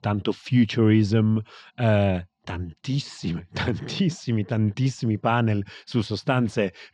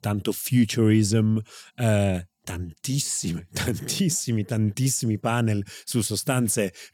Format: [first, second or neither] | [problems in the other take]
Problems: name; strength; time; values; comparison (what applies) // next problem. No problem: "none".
second | muffled; slightly; fading above 4.5 kHz